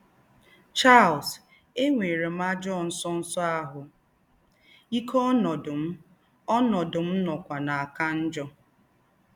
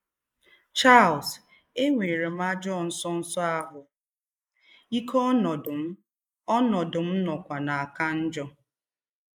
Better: first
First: none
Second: noise reduction (neural mask model Resemble Enhance denoiser)

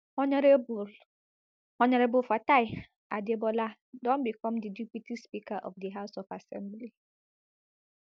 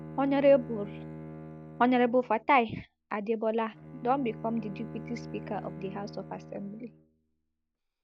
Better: first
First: none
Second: background sound (Bowed string instrument); 14 dB below the speech

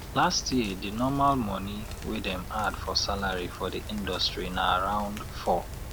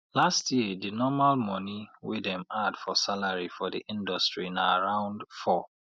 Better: second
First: background sound (Rain); 9 dB below the speech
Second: none

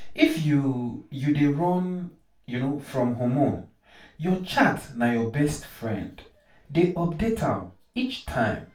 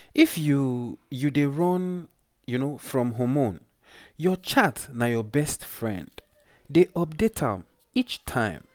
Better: second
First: room echo; dies away in 0.3 s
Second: none

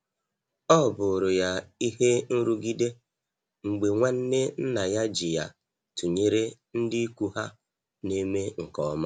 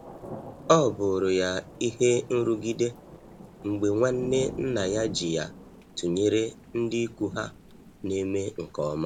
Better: first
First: none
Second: background sound (Thunder / Rain); 16 dB below the speech

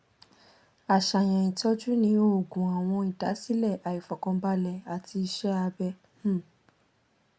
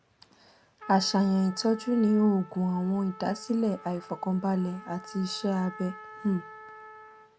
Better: first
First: none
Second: background sound (Trumpet); 18 dB below the speech

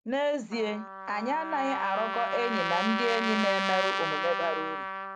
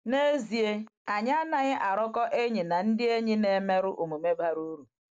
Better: second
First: background sound (Trumpet); 2 dB below the speech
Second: none

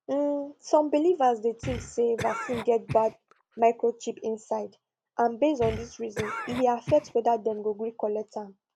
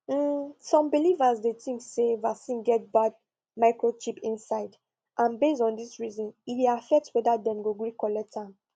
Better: second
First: background sound (Cough); 12 dB below the speech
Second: none

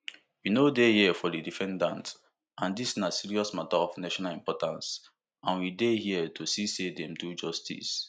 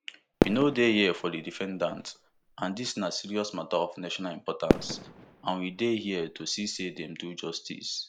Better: first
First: none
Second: background sound (Fireworks); 3 dB below the speech

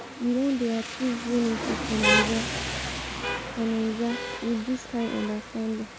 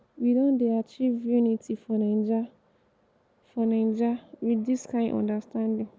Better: second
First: background sound (Rain); 2 dB below the speech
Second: none

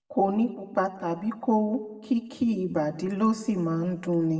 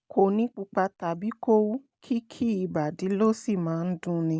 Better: second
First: room echo; dies away in 0.9 s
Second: none

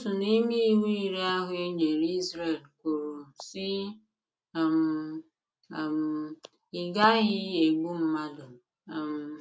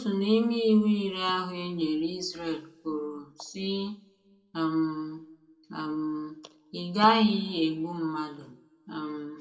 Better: first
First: none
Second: room echo; dies away in 0.6 s

